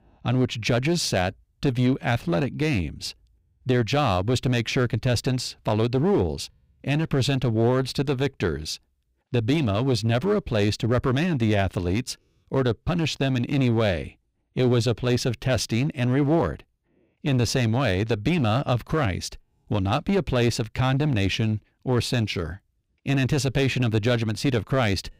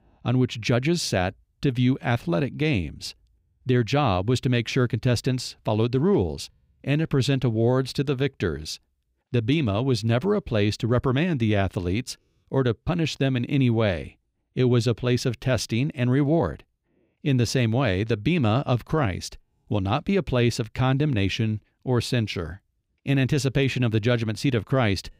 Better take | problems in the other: second | distortion; slight; 8% of the sound clipped

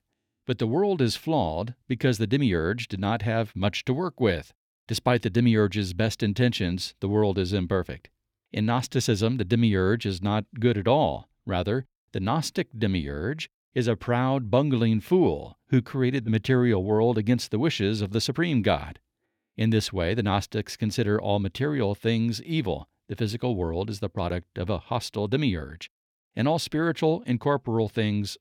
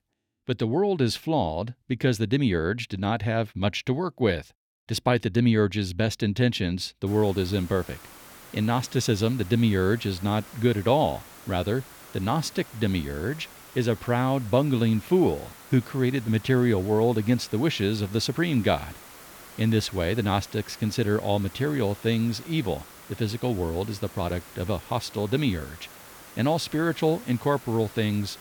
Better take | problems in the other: first | hiss; noticeable; from 7 s on; 20 dB below the speech

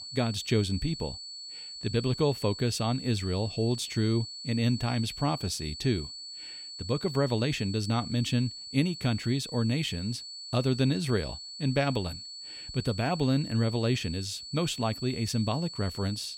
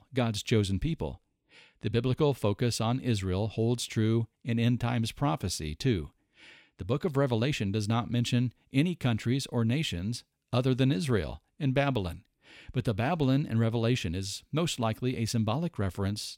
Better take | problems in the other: second | high-pitched whine; loud; throughout; 4.5 kHz, 10 dB below the speech

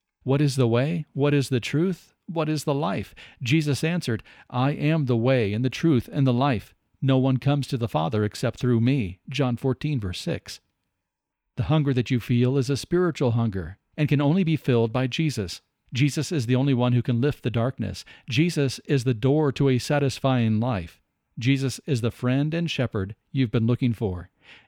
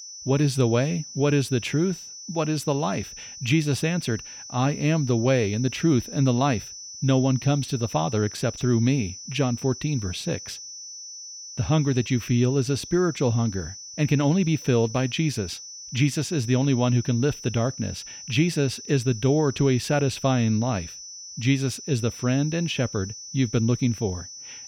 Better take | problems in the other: first | high-pitched whine; noticeable; throughout; 6 kHz, 15 dB below the speech

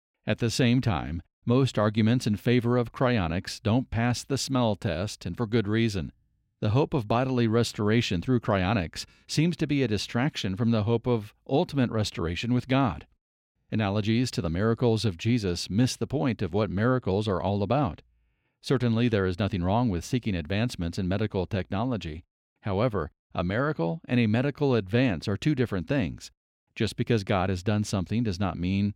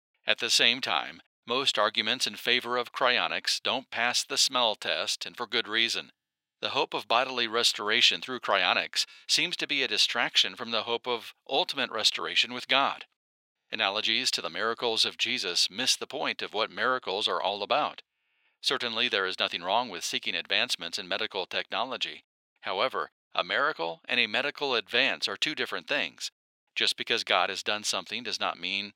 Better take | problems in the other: first | thin; very; fading below 800 Hz

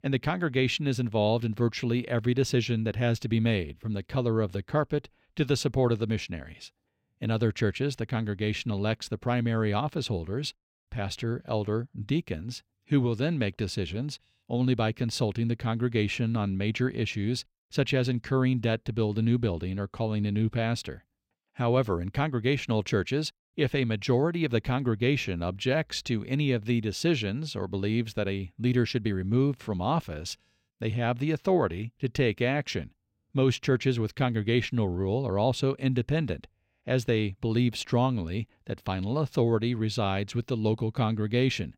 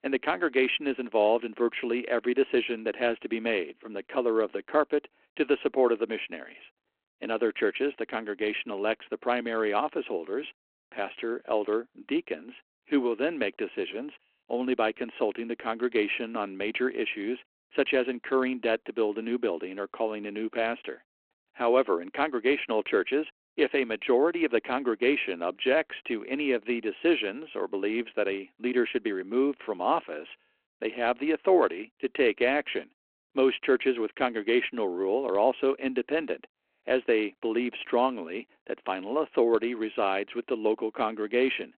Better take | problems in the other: first | phone-call audio

